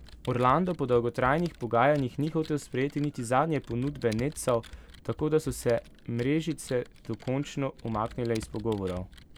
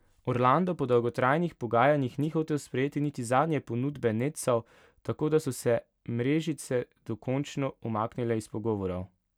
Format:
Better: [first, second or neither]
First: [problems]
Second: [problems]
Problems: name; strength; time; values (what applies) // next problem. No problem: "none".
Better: second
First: background sound (Computer keyboard); 19 dB below the speech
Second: none